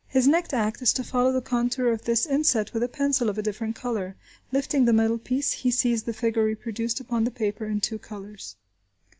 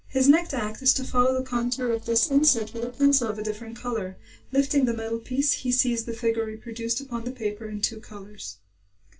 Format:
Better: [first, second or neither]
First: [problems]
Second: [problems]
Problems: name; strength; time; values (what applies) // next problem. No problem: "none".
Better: first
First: none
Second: noise reduction (neural separator model SepFormer DNS4)